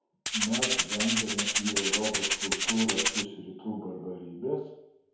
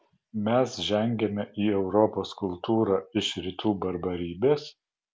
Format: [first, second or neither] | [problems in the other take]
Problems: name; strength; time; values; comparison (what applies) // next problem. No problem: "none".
second | background sound (Rattle (instrument)); 5 dB above the speech // room echo; dies away in 0.9 s